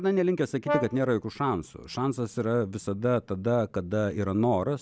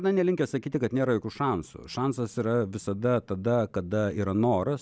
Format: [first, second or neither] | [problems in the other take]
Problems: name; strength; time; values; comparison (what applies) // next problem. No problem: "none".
second | background sound (Brass instrument); 8 dB below the speech